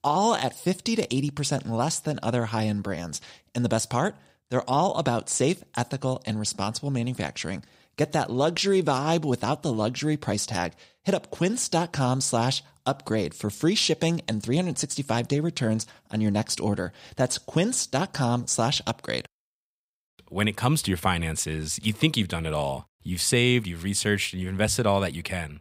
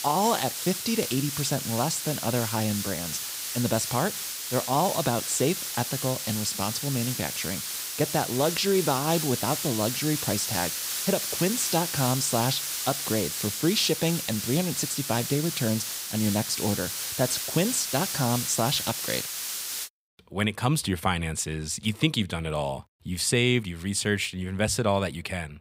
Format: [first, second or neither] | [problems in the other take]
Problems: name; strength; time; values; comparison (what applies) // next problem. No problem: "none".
first | hiss; loud; until 20 s; 2 dB below the speech